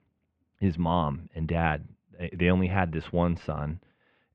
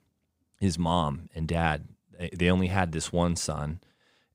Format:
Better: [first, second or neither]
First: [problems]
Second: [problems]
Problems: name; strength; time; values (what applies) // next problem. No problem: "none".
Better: second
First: muffled; very; fading above 2.5 kHz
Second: none